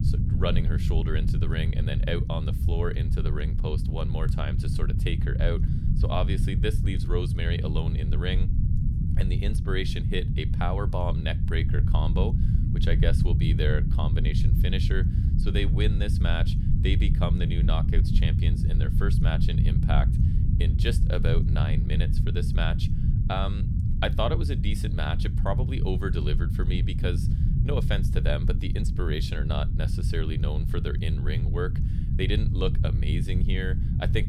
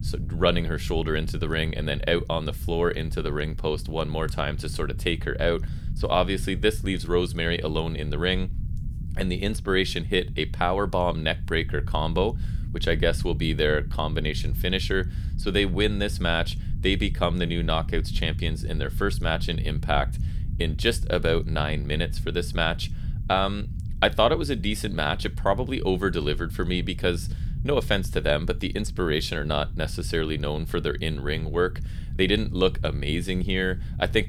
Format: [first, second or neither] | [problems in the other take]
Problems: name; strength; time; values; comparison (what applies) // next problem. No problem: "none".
second | low rumble; loud; throughout; 5 dB below the speech; faint in the second